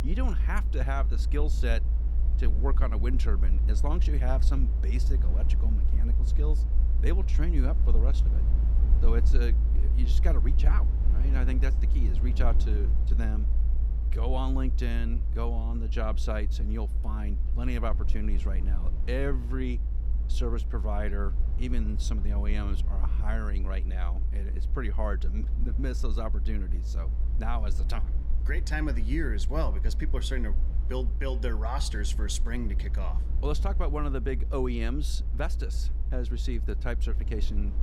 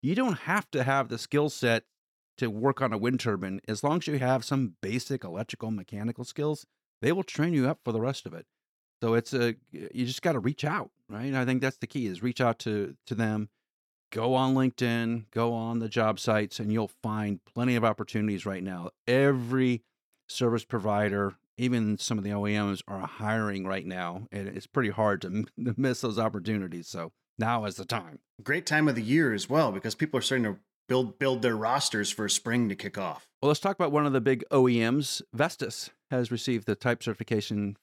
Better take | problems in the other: second | low rumble; noticeable; throughout; 10 dB below the speech

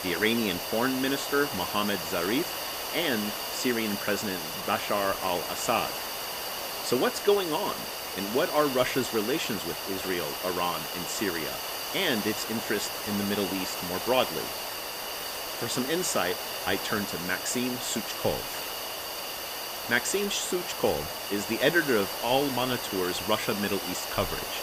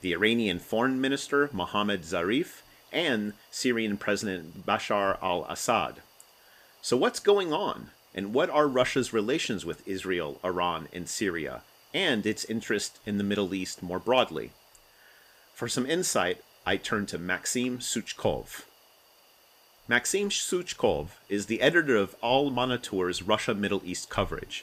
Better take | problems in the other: second | hiss; loud; throughout; 3 dB below the speech; faint in the second

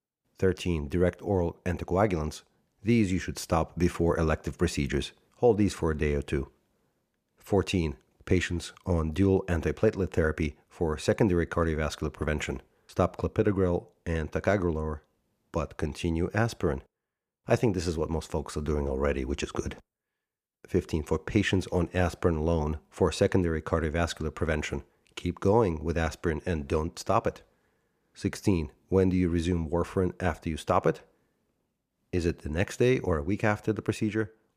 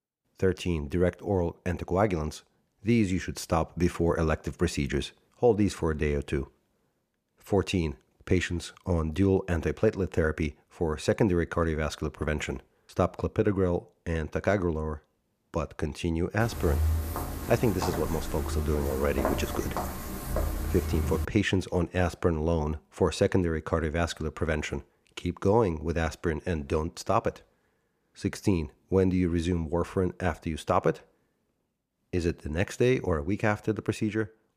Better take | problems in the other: first | footsteps; loud; from 16 to 21 s; peak level with the speech

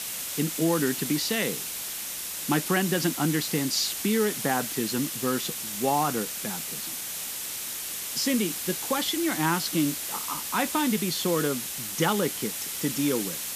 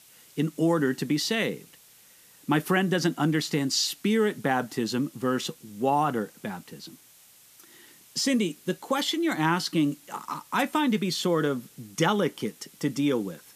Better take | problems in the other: second | hiss; loud; throughout; 3 dB below the speech; faint in the second

